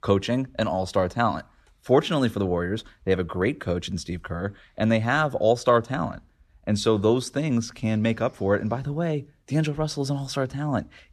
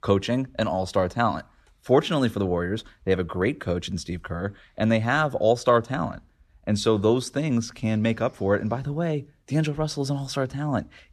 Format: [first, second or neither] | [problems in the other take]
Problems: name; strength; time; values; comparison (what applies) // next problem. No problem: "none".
neither | none